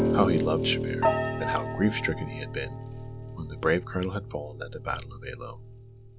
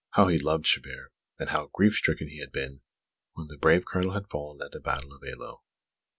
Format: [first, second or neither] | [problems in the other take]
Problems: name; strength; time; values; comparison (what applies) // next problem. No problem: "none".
second | background sound (Piano); as loud as the speech